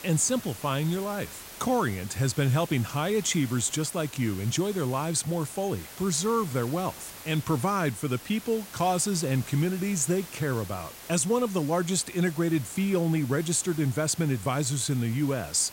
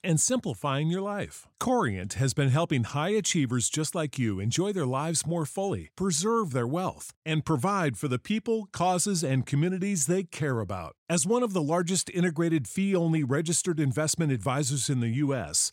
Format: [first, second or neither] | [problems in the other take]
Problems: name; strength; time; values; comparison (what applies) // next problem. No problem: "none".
second | hiss; noticeable; throughout; 15 dB below the speech